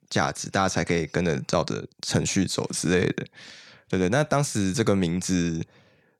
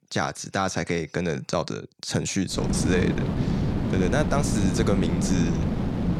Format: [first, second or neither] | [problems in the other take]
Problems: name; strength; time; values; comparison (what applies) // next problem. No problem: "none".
first | wind noise on the microphone; heavy; from 2.5 s on; 4 dB below the speech